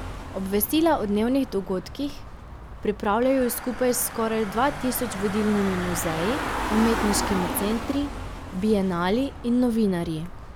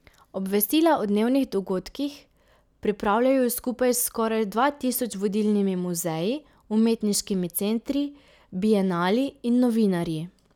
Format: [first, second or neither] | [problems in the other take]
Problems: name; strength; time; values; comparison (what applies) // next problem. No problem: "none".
second | background sound (Engine / Car); 8 dB below the speech